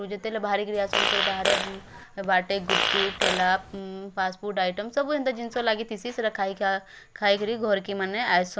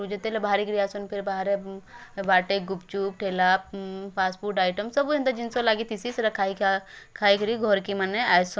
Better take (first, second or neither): second